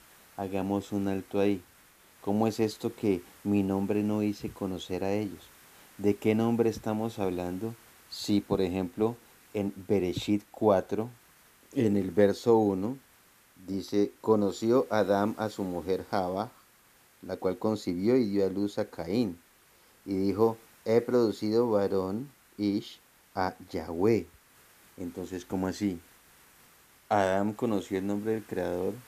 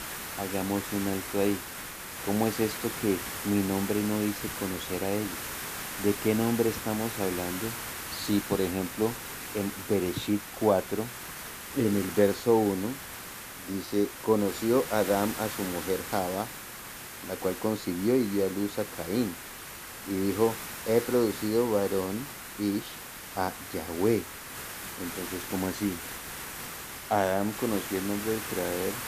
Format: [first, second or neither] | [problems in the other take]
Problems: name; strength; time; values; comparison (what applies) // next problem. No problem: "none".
first | hiss; loud; throughout; 7 dB below the speech; faint in the first